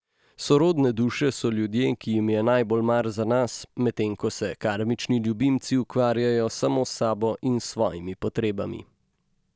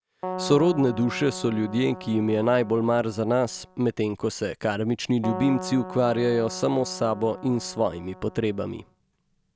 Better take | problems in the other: first | background sound (Keyboard (musical)); 13 dB below the speech

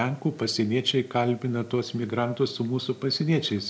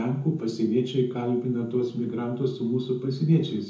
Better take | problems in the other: first | room echo; dies away in 0.6 s

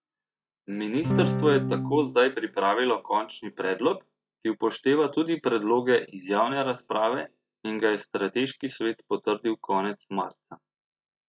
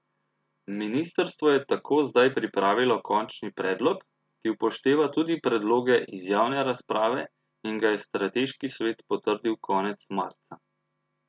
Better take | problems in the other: second | noise reduction (classical method log-MMSE)

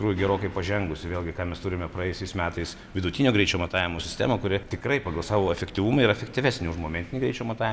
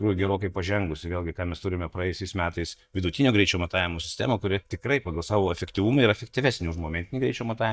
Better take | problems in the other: first | noise reduction (neural mask model DeepFilterNet 3)

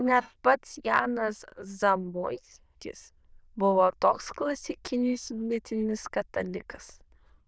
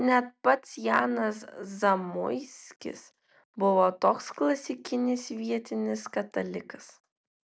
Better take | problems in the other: second | noise reduction (neural diffusion model UNIVERSE++)

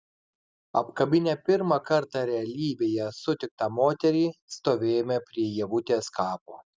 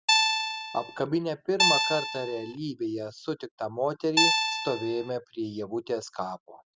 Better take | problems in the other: first | background sound (Guitar); 5 dB above the speech

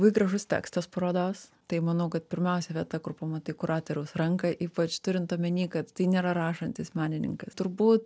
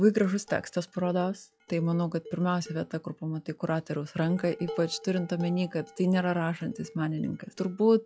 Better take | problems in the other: first | noise reduction (classical method log-MMSE)

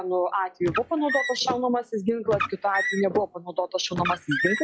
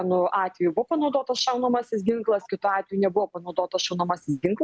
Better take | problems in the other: second | noise reduction (classical method log-MMSE)

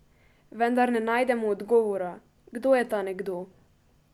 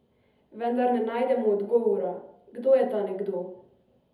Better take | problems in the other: first | room echo; dies away in 0.7 s

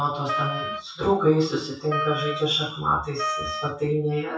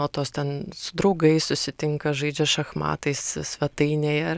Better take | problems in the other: second | noise reduction (classical method WPE with log-MMSE)

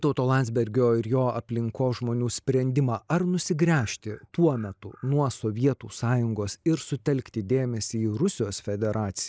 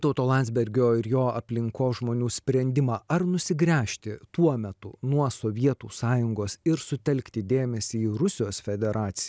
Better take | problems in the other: second | noise reduction (neural mask model Resemble Enhance denoiser)

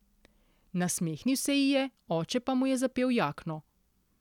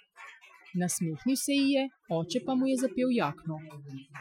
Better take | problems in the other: first | noise reduction (classical method Wiener filter)

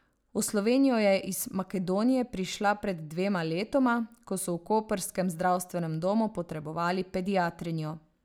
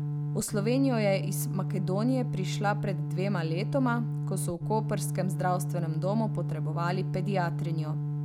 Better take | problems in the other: first | background sound (Organ); as loud as the speech

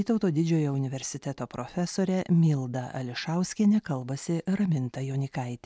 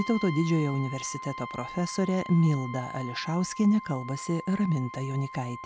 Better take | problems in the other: first | background sound (Brass instrument); 12 dB below the speech

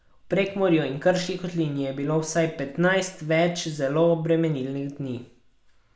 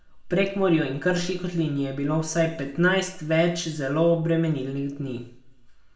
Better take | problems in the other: first | room echo; dies away in 0.4 s

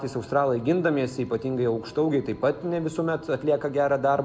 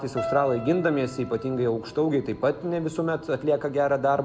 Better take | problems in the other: first | background sound (Keyboard (musical)); 10 dB below the speech

